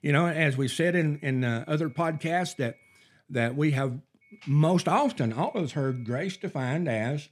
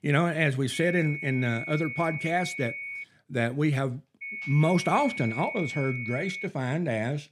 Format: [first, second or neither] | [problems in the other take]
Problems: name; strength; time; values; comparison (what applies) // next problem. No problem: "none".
first | high-pitched whine; loud; from 0.5 to 3 s and from 4 to 6.5 s; 2 kHz, 7 dB below the speech; faint in the first